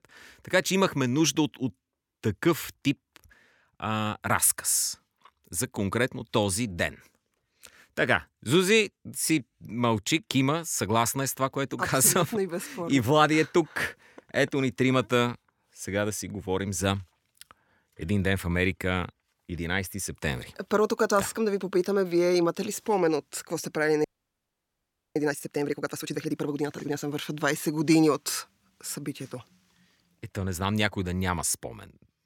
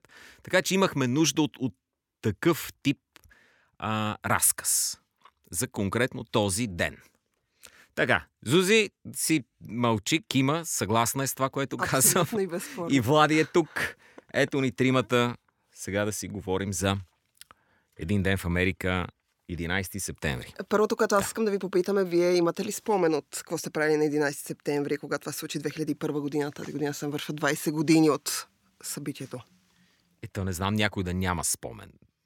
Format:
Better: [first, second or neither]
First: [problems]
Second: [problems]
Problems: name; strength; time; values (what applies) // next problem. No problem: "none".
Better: second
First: audio freezing; at 24 s for 1 s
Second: none